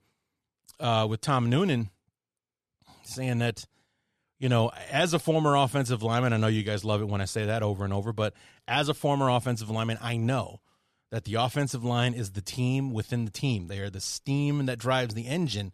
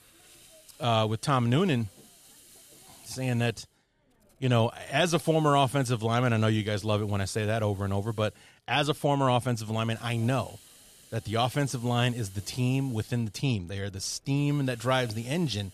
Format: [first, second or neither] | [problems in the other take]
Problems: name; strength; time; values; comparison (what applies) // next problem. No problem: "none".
first | hiss; faint; throughout; 25 dB below the speech